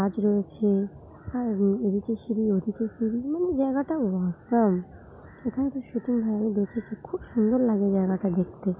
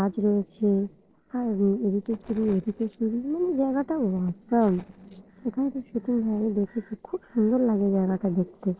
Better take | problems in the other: first | noise reduction (neural separator model SepFormer DNS4)

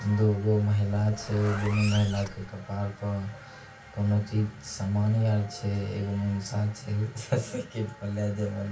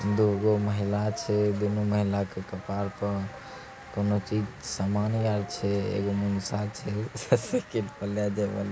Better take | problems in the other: second | background sound (Zipper (clothing)); 12 dB below the speech // room echo; dies away in 0.2 s

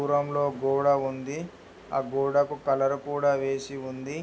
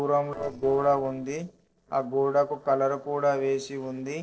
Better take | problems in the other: first | noise reduction (neural separator model SepFormer DNS4)

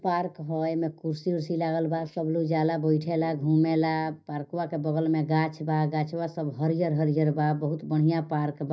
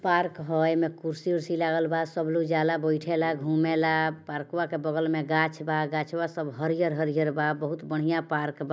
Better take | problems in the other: second | noise reduction (neural mask model DeepFilterNet 3)

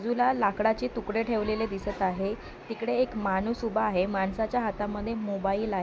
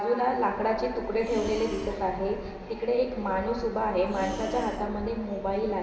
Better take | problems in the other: first | background sound (Breathing); 13 dB below the speech // room echo; dies away in 2.3 s

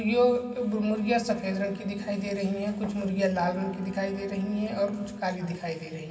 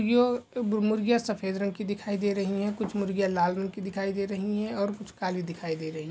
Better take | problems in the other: second | background sound (Bowed string instrument); 18 dB below the speech // room echo; dies away in 1.9 s

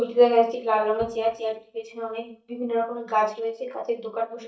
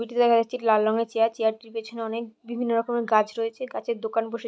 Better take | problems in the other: second | noise reduction (neural mask model DeepFilterNet 3)

